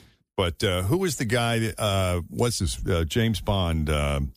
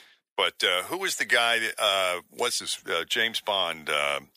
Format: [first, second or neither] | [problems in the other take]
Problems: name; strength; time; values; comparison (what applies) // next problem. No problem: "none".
first | thin; very; fading below 650 Hz